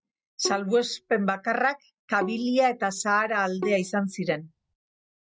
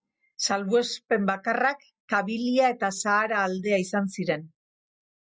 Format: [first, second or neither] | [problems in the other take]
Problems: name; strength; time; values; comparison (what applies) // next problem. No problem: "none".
second | noise reduction (neural mask model RNNoise)